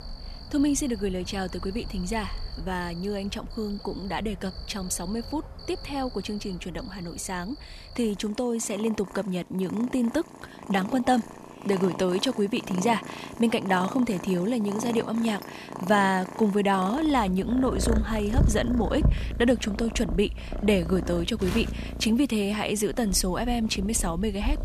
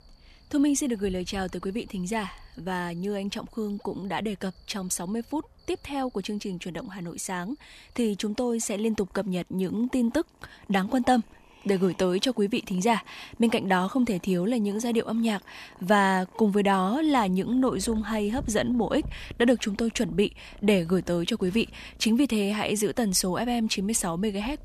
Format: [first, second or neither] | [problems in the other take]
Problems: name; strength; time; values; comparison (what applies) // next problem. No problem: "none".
second | animal sounds; loud; throughout; 9 dB below the speech; faint in the second